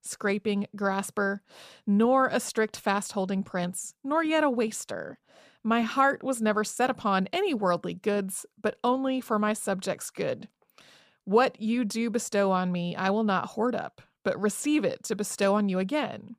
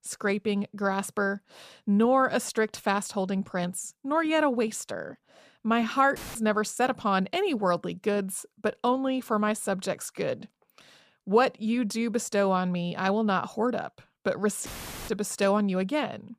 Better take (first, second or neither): first